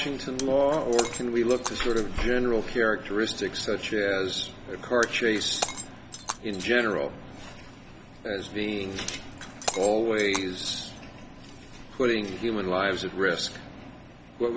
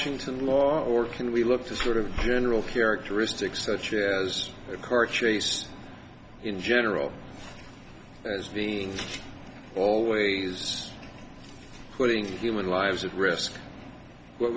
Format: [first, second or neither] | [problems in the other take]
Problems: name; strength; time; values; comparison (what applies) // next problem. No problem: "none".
second | background sound (Shatter); 12 dB below the speech